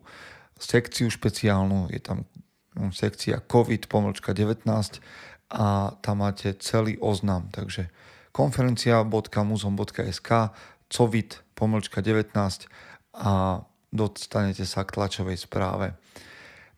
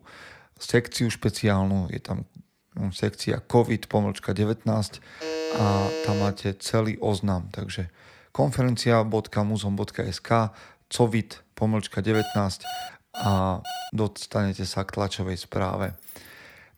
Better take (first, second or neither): first